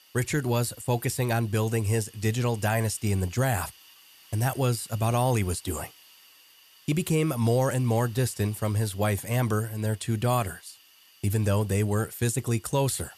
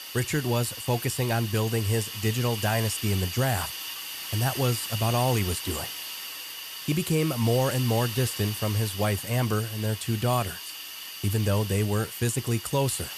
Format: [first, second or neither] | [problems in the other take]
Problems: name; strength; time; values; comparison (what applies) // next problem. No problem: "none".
first | hiss; loud; throughout; 7 dB below the speech; faint in the first